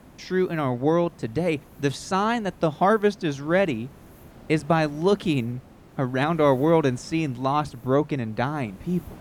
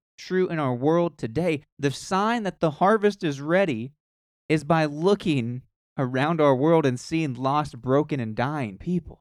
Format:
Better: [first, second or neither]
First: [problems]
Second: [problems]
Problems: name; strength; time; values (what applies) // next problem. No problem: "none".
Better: second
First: hiss; faint; throughout; 25 dB below the speech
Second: none